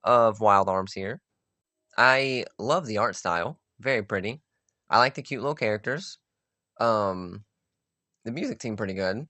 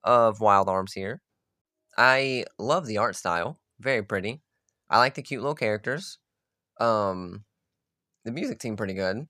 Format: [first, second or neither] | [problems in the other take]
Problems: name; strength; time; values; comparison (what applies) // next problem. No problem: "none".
second | garbled, watery; slightly; nothing above 8 kHz